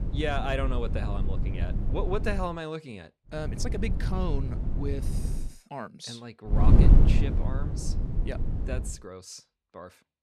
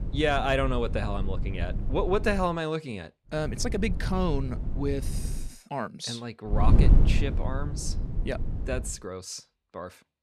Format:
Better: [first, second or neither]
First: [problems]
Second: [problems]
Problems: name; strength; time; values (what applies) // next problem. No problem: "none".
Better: second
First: wind noise on the microphone; heavy; until 2.5 s, from 3.5 to 5.5 s and from 6.5 to 9 s; 4 dB below the speech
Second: wind noise on the microphone; occasional gusts; until 2.5 s, from 3.5 to 5.5 s and from 6.5 to 9 s; 10 dB below the speech